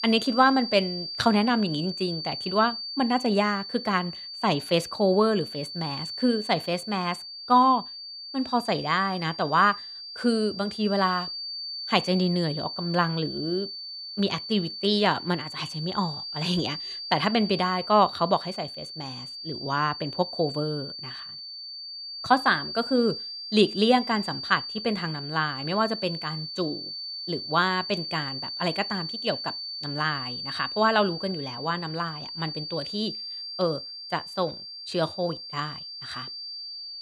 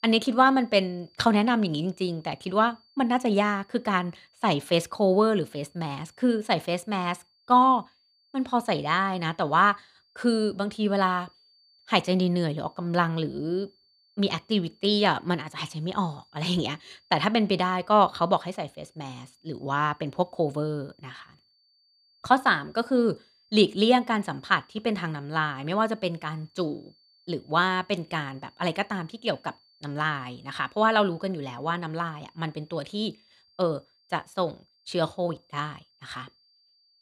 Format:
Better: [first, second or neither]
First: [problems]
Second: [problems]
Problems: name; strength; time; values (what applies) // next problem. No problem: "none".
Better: second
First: high-pitched whine; loud; throughout; 4.5 kHz, 8 dB below the speech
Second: high-pitched whine; faint; throughout; 4.5 kHz, 35 dB below the speech